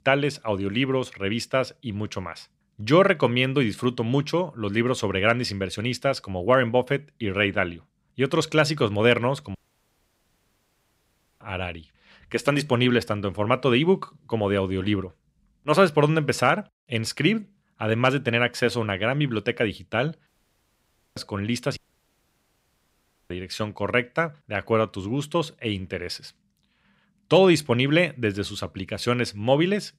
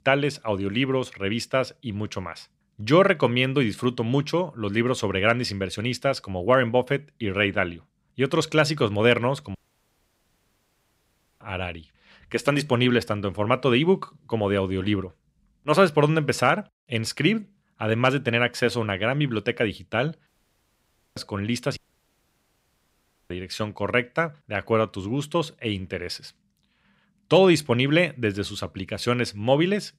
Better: neither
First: audio cutting out; at 9.5 s for 2 s, at 20 s for 1 s and at 22 s for 1.5 s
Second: audio cutting out; at 9.5 s for 2 s, at 20 s for 1 s and at 22 s for 1.5 s

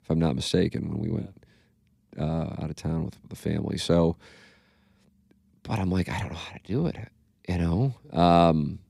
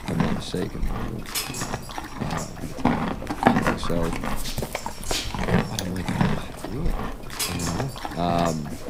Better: first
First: none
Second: animal sounds; very loud; throughout; 3 dB above the speech

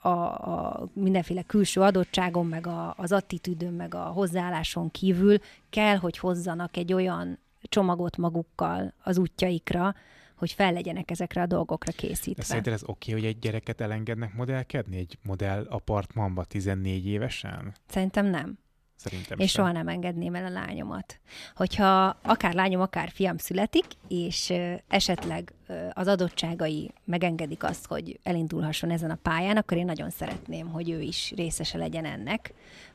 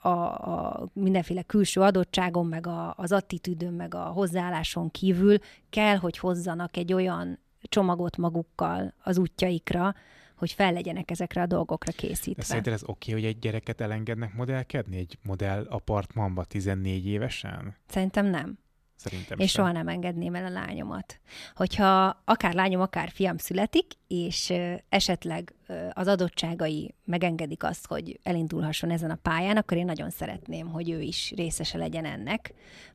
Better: second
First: household noises; faint; throughout; 25 dB below the speech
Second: none

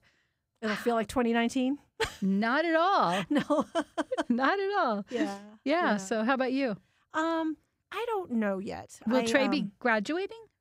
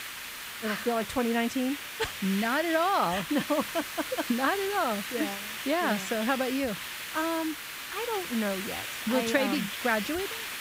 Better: first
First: none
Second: hiss; loud; throughout; 6 dB below the speech

